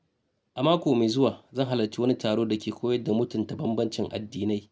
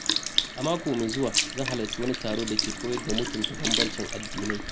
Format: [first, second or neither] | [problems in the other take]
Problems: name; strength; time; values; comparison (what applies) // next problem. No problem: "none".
first | background sound (Sink (filling or washing) / Liquid); 1 dB above the speech